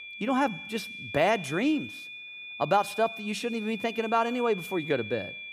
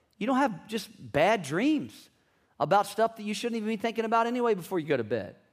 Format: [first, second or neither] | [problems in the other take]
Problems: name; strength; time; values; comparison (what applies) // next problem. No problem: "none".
second | high-pitched whine; loud; throughout; 2.5 kHz, 10 dB below the speech